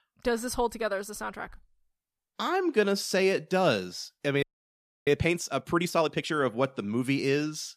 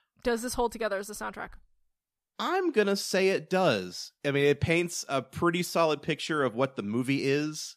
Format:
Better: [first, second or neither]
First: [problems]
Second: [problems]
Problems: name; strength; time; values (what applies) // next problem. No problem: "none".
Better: second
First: audio freezing; at 4.5 s for 0.5 s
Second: none